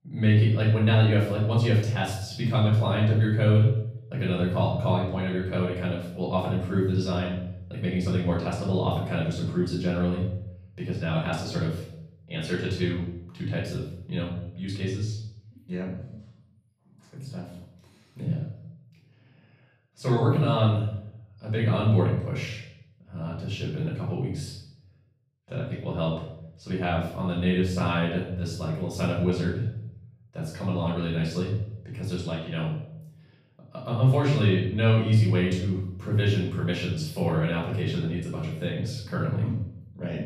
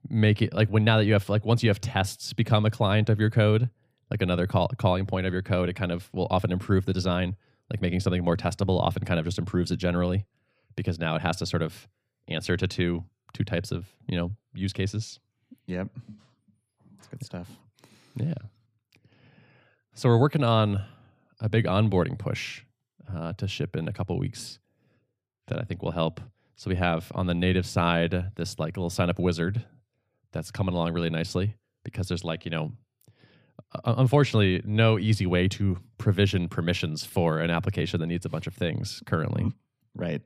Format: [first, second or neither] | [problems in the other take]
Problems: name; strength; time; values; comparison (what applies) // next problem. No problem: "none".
second | off-mic speech; far // room echo; noticeable; dies away in 0.6 s